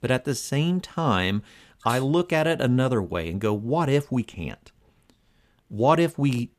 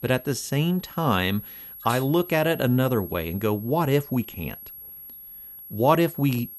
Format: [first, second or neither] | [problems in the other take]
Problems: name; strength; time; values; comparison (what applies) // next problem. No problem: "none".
first | high-pitched whine; noticeable; throughout; 11.5 kHz, 15 dB below the speech